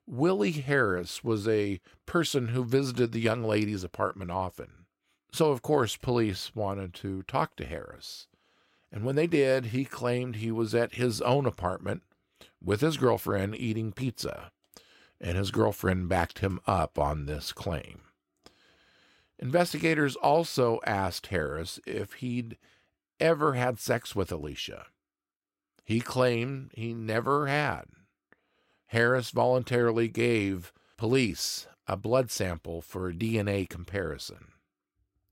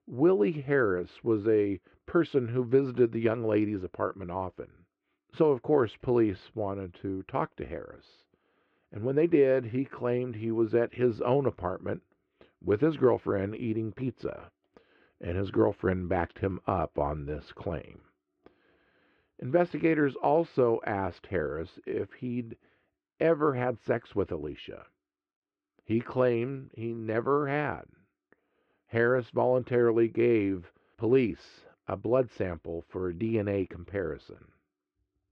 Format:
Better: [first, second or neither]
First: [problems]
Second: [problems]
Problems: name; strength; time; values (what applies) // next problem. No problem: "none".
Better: first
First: none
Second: muffled; very; fading above 2.5 kHz